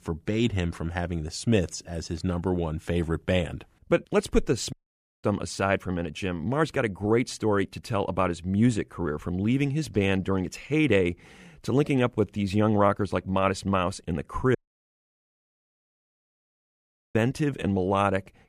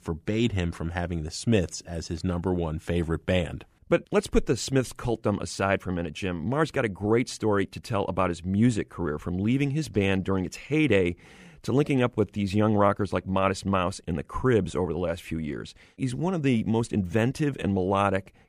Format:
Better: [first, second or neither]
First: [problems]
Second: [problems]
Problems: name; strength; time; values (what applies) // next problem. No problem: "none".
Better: second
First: audio cutting out; at 4.5 s for 0.5 s and at 15 s for 2.5 s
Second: none